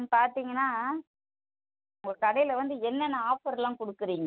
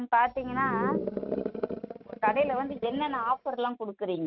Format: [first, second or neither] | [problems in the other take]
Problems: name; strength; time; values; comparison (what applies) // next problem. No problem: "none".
first | noise reduction (neural mask model RNNoise)